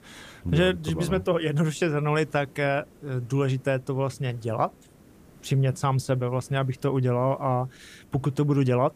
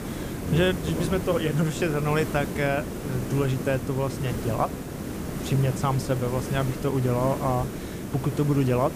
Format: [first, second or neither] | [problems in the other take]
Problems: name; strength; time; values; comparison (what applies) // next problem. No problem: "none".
first | hiss; loud; throughout; 6 dB below the speech; faint in the first